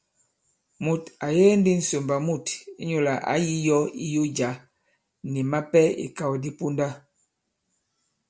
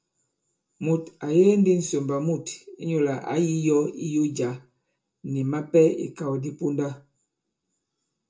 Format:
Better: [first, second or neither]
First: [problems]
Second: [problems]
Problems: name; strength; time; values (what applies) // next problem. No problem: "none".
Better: first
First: none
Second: room echo; dies away in 0.2 s